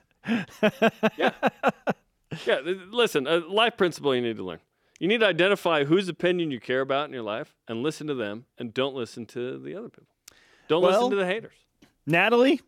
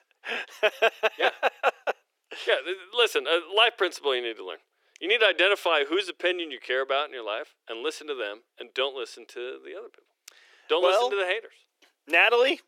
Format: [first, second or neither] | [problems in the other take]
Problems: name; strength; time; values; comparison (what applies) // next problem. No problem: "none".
first | thin; very; fading below 350 Hz